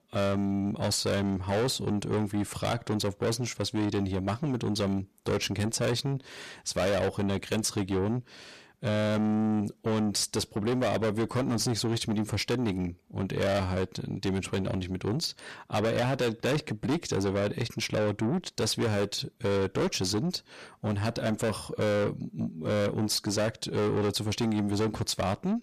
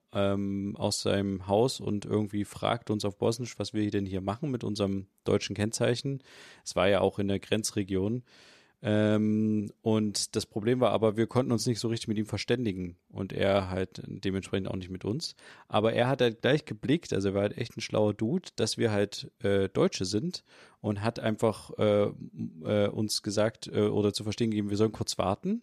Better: second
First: distortion; heavy; 6 dB below the speech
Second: none

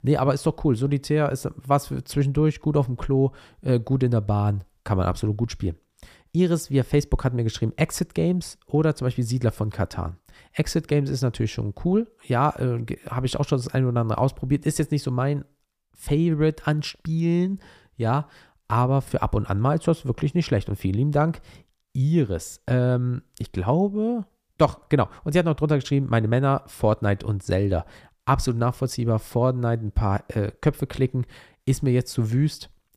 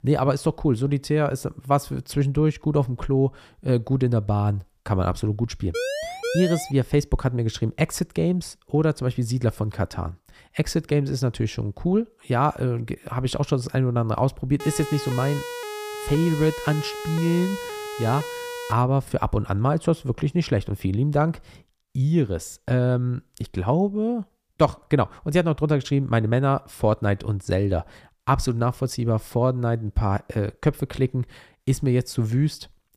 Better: first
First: none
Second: siren; noticeable; at 5.5 s and from 15 to 19 s; peak 4 dB below the speech

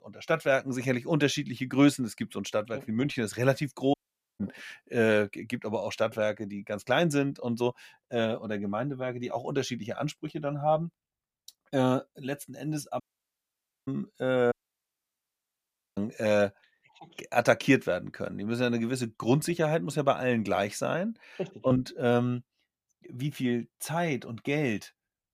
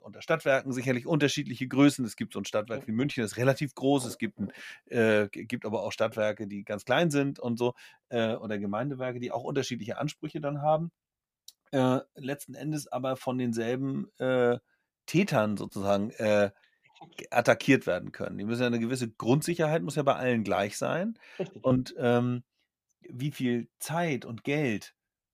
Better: second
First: audio cutting out; at 4 s, at 13 s for 1 s and at 15 s for 1.5 s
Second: none

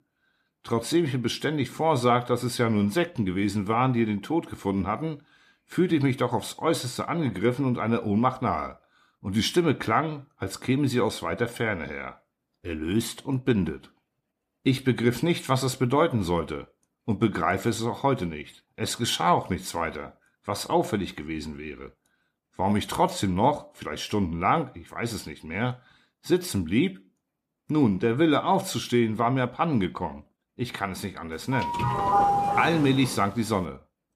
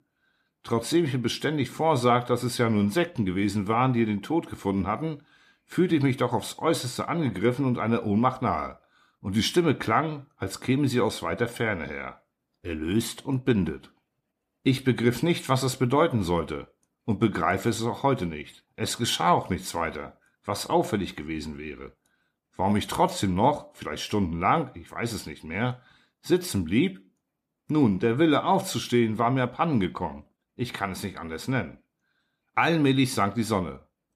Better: second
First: doorbell; loud; from 32 to 33 s; peak 5 dB above the speech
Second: none

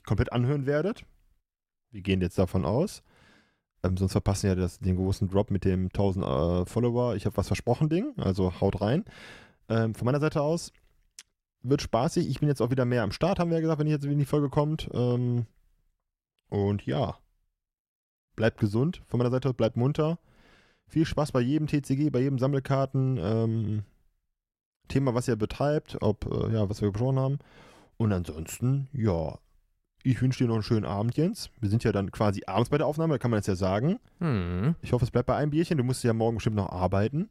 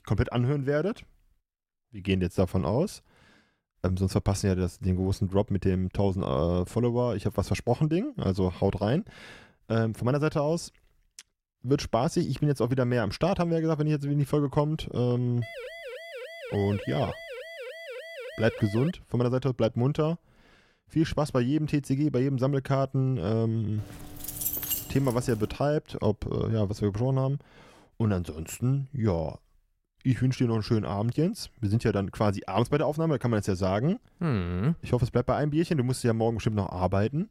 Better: first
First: none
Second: siren; faint; from 15 to 19 s; peak 10 dB below the speech // jangling keys; noticeable; from 24 to 26 s; peak level with the speech

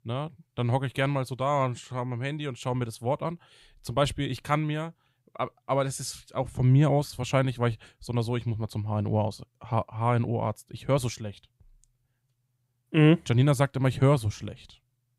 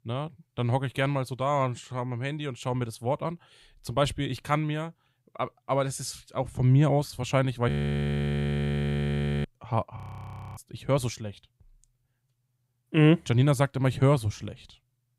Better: first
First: none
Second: audio freezing; at 7.5 s for 1.5 s and at 10 s for 0.5 s

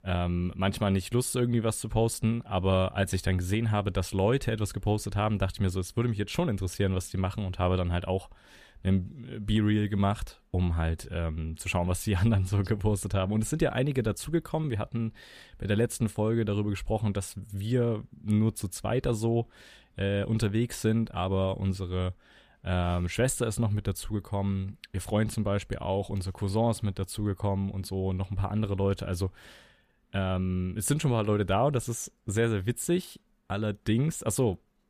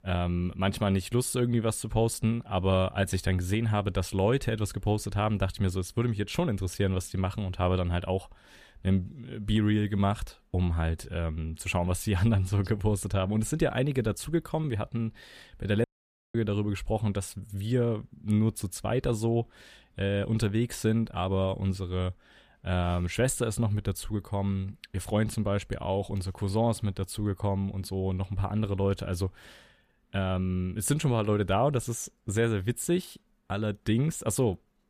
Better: first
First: none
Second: audio cutting out; at 16 s for 0.5 s

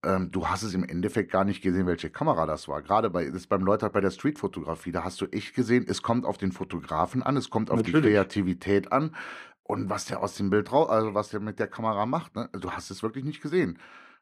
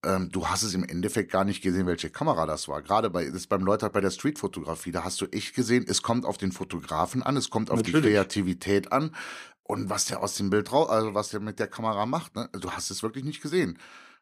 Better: second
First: muffled; slightly; fading above 3.5 kHz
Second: none

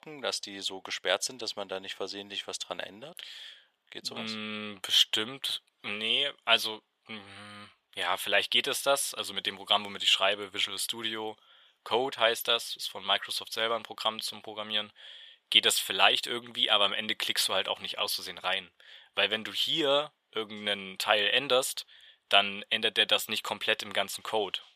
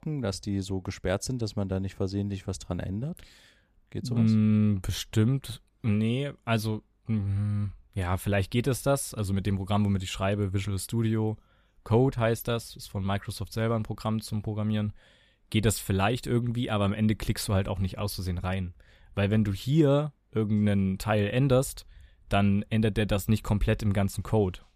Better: second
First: thin; very; fading below 700 Hz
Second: none

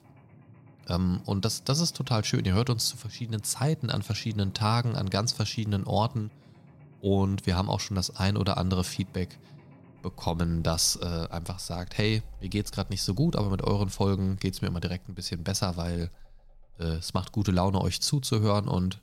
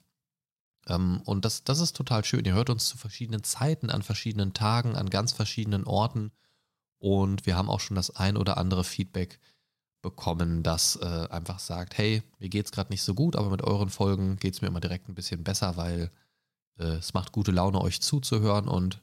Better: second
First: machinery noise; faint; throughout; 25 dB below the speech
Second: none

